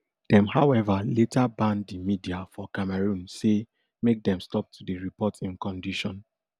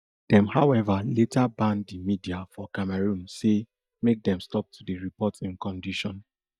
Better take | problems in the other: first | noise reduction (neural mask model DeepFilterNet 3)

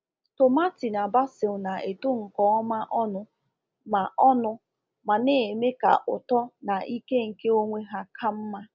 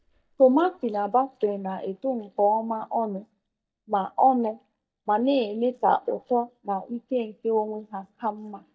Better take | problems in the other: first | noise reduction (neural mask model DeepFilterNet 3)

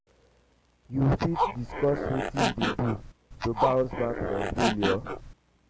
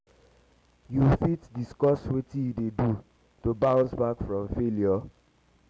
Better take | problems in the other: second | background sound (Zipper (clothing)); 1 dB below the speech

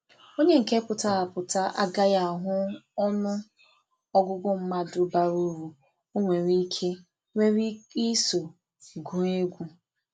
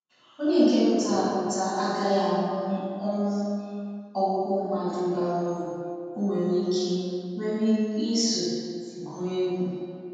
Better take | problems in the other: first | room echo; dies away in 2 s

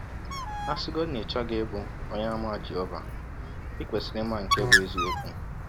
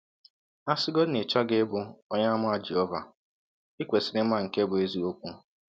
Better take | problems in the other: second | background sound (Bird); 3 dB above the speech

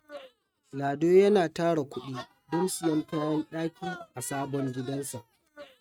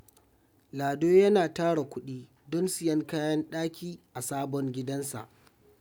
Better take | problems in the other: second | noise reduction (neural mask model RNNoise)

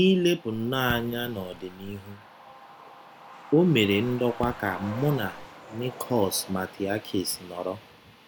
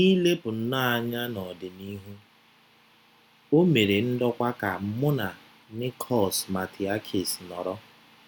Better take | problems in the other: second | background sound (Raindrop / Drip + Truck); 16 dB below the speech

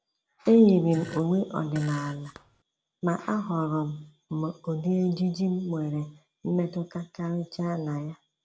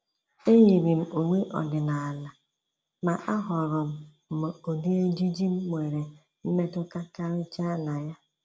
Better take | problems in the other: second | background sound (Fart); 17 dB below the speech

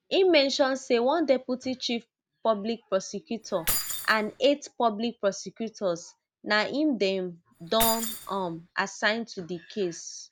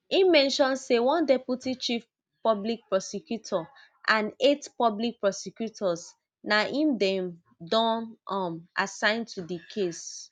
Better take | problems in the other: second | background sound (Keys jangling); 5 dB below the speech

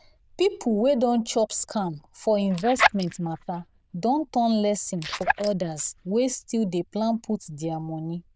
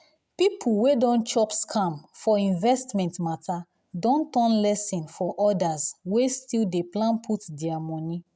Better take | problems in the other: second | noise reduction (neural diffusion model UNIVERSE++)

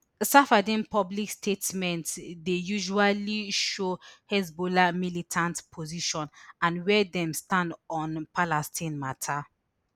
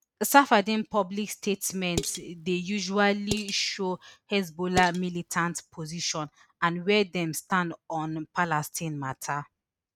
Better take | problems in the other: first | noise reduction (neural mask model RNNoise)

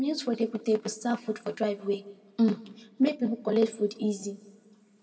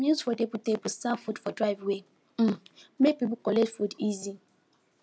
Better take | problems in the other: second | room echo; dies away in 0.9 s

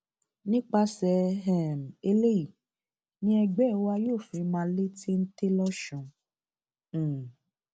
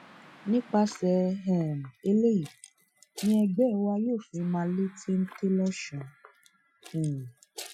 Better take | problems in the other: first | noise reduction (classical method Wiener filter)

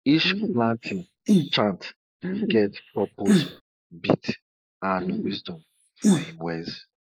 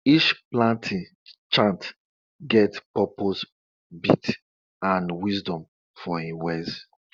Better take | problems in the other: second | noise reduction (neural mask model Resemble Enhance denoiser)

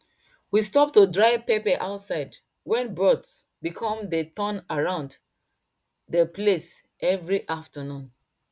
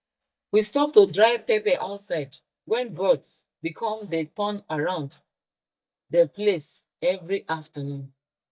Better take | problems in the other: first | noise reduction (neural mask model DeepFilterNet 3)

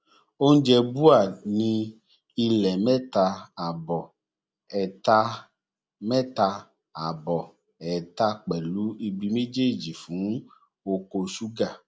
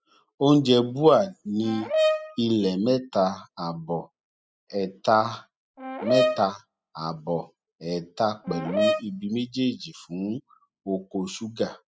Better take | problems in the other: first | noise reduction (classical method spectral subtraction)

